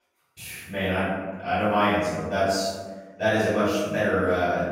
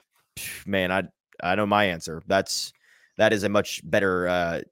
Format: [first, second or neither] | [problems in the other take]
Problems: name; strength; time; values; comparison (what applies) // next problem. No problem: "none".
second | off-mic speech; far // room echo; strong; dies away in 1.3 s